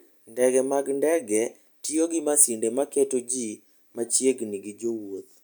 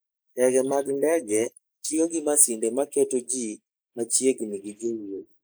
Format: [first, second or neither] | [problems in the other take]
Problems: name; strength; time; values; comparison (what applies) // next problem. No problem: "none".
first | noise reduction (neural mask model Resemble Enhance denoiser)